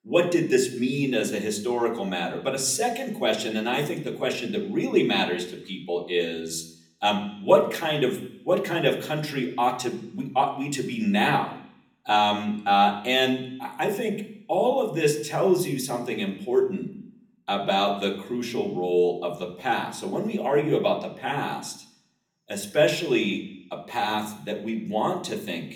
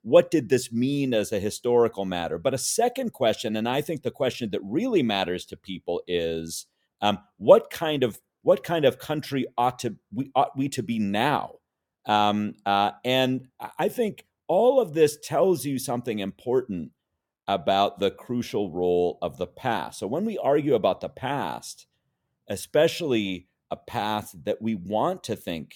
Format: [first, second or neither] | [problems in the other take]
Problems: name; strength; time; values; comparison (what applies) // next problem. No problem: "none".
second | room echo; very slight; dies away in 0.6 s